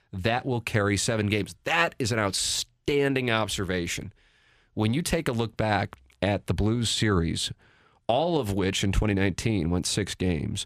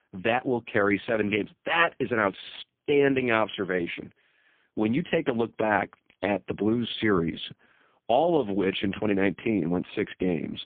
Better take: first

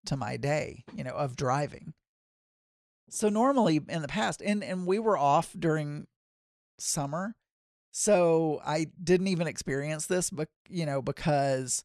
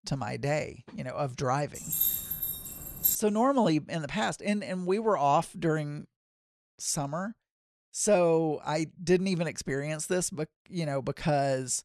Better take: first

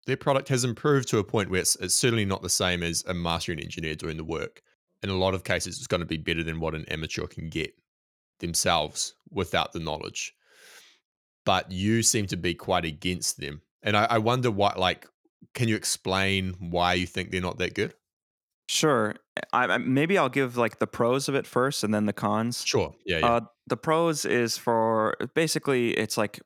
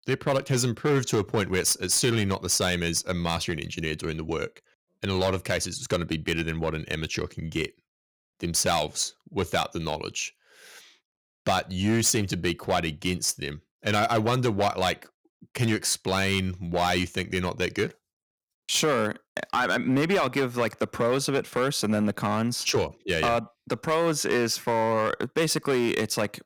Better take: first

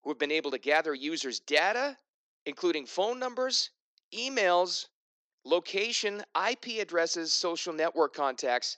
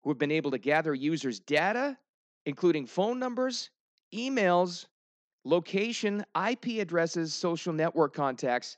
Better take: second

